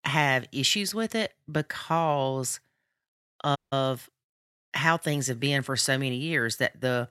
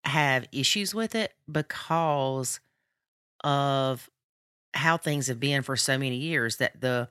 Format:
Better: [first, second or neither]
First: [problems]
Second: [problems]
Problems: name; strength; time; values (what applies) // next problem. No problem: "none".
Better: second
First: audio cutting out; at 3.5 s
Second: none